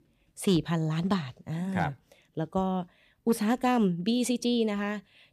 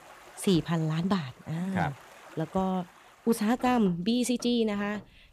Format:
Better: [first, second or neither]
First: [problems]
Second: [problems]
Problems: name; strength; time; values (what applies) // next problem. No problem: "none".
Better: first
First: none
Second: rain or running water; faint; throughout; 20 dB below the speech